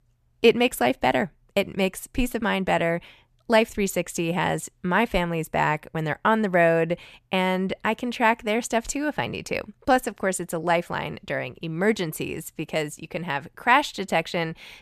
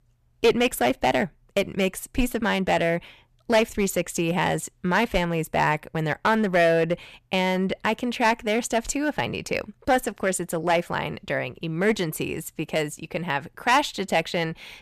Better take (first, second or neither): first